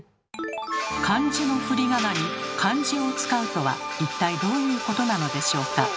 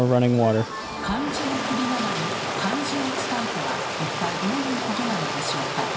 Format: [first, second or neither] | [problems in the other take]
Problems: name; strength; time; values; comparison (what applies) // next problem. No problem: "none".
first | background sound (Stream); 3 dB above the speech // room echo; dies away in 1.8 s